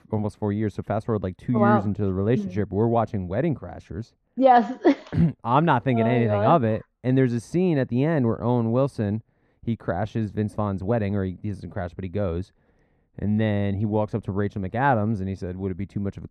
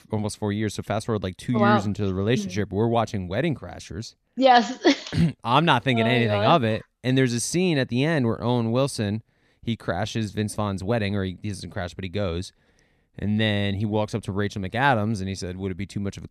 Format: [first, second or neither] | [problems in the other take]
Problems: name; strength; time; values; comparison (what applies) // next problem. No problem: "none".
second | muffled; very; fading above 2 kHz